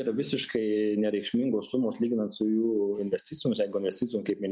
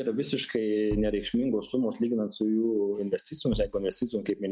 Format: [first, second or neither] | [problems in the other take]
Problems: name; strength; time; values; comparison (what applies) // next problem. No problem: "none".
first | noise reduction (neural mask model RNNoise)